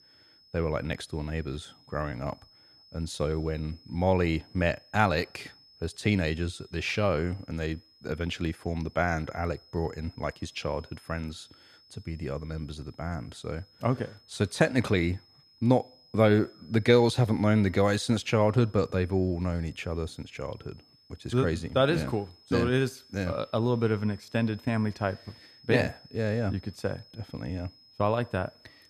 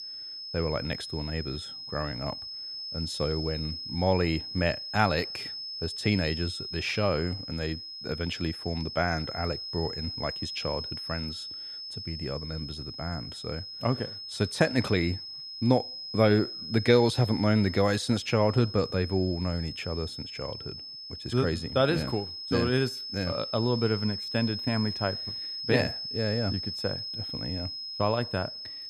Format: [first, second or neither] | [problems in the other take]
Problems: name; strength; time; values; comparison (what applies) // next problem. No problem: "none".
first | high-pitched whine; loud; throughout; 5 kHz, 6 dB below the speech; faint in the first